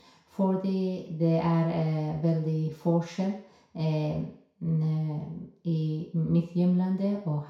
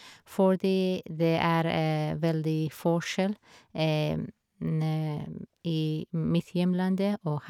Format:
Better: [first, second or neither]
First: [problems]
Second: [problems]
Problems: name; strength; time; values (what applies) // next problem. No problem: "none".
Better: second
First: room echo; dies away in 0.6 s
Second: none